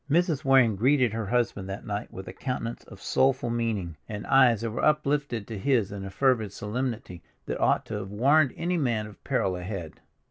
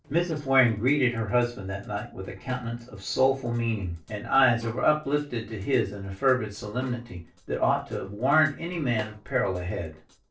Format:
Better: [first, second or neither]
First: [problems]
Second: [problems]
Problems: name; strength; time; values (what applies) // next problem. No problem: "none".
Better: first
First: none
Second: noise reduction (neural separator model SepFormer DNS4)